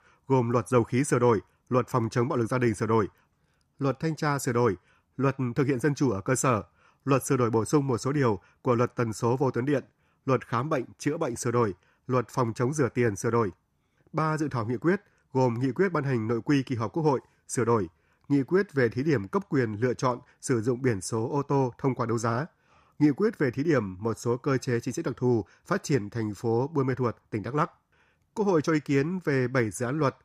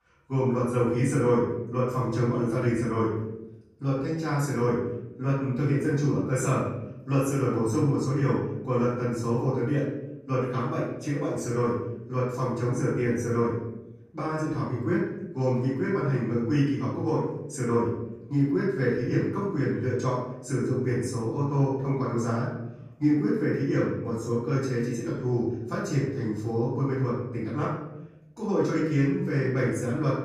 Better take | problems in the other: first | off-mic speech; far // room echo; noticeable; dies away in 0.8 s

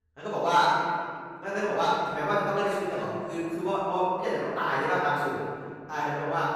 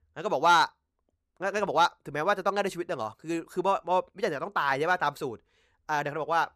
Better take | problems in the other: second | room echo; strong; dies away in 2.4 s // off-mic speech; far

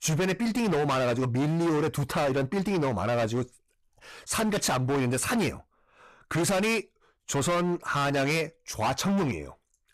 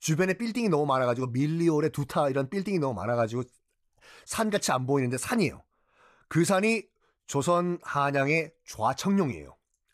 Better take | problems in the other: second | distortion; heavy; 24% of the sound clipped

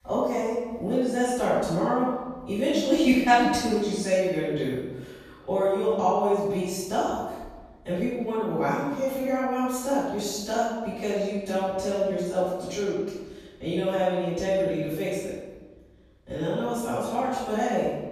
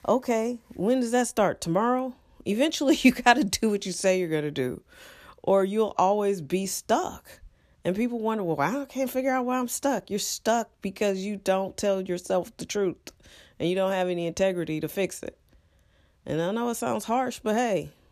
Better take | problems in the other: second | off-mic speech; far // room echo; strong; dies away in 1.1 s

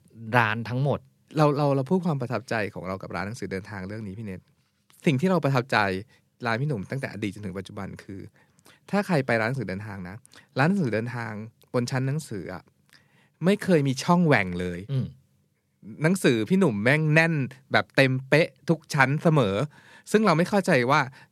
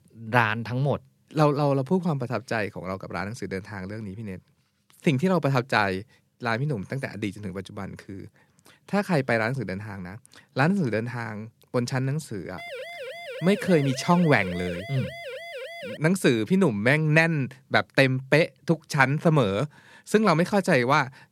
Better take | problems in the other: first | siren; faint; from 13 to 16 s; peak 10 dB below the speech

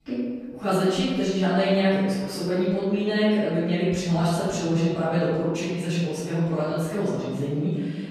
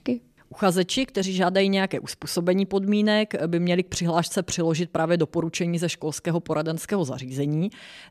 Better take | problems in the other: second | off-mic speech; far // room echo; strong; dies away in 1.6 s

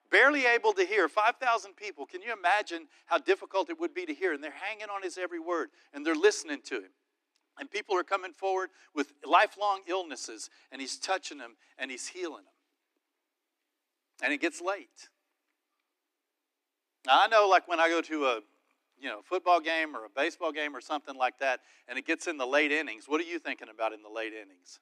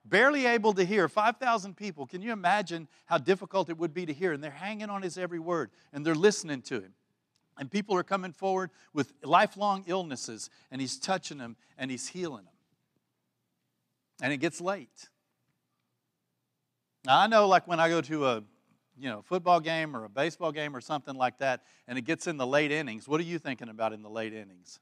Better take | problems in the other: second | thin; somewhat; fading below 300 Hz

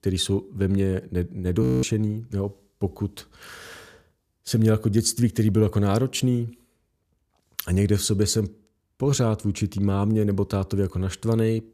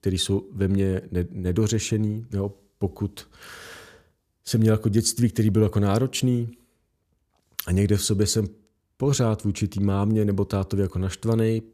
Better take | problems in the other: second | audio freezing; at 1.5 s

